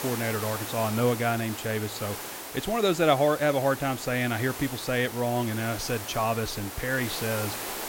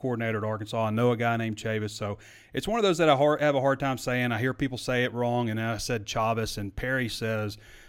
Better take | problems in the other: second | hiss; loud; throughout; 8 dB below the speech

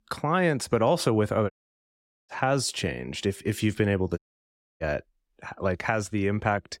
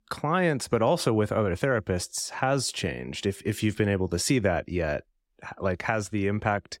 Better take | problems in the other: second | audio cutting out; at 1.5 s for 1 s and at 4 s for 0.5 s

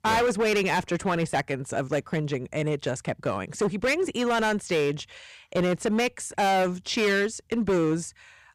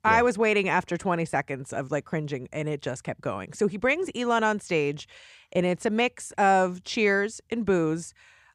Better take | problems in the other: second | distortion; heavy; 13% of the sound clipped

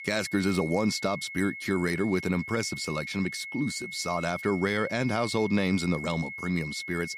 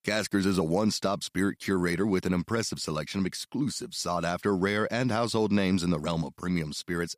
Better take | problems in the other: second | high-pitched whine; loud; throughout; 2 kHz, 9 dB below the speech

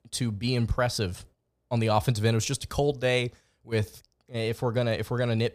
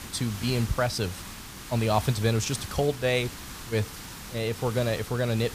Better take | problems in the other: first | hiss; noticeable; throughout; 10 dB below the speech

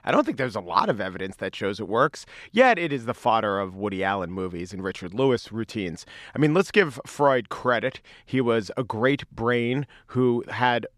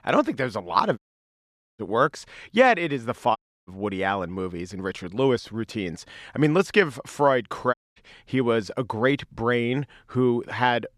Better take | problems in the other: first | audio cutting out; at 1 s for 1 s, at 3.5 s and at 7.5 s

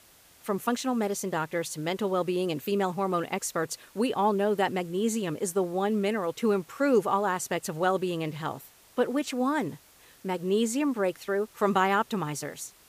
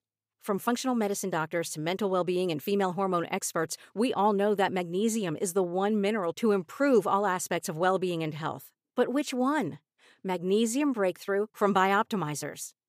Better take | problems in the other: second | hiss; faint; throughout; 25 dB below the speech

